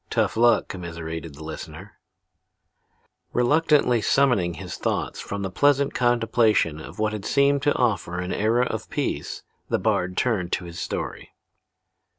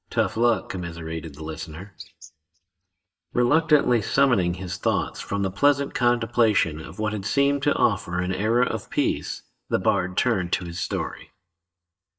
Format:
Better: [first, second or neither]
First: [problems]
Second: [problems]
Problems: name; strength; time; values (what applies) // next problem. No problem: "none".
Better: first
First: none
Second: noise reduction (neural mask model DeepFilterNet 3)